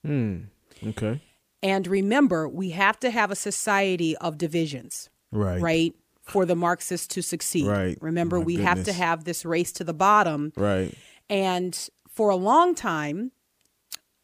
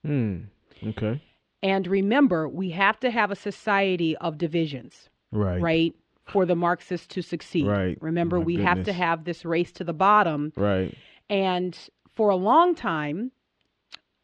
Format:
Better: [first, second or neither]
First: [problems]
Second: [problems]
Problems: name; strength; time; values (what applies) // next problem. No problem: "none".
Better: first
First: none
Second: muffled; slightly; fading above 3.5 kHz